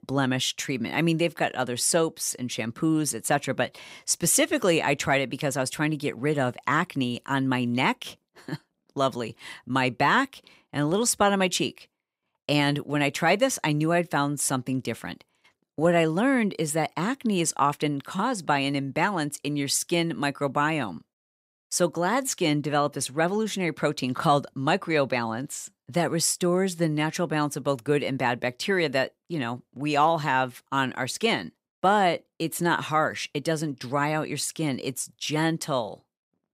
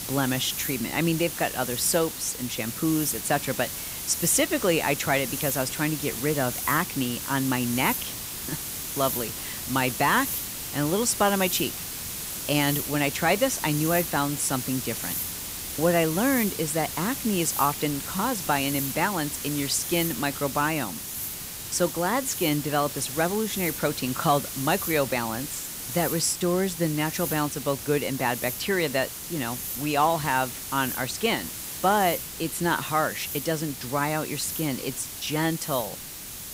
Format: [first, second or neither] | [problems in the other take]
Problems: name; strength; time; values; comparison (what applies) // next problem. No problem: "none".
first | hiss; loud; throughout; 5 dB below the speech